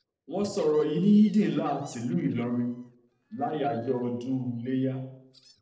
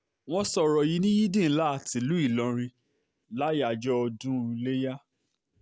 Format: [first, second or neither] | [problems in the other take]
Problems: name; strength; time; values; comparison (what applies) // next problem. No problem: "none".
second | noise reduction (neural separator model SepFormer DNS4)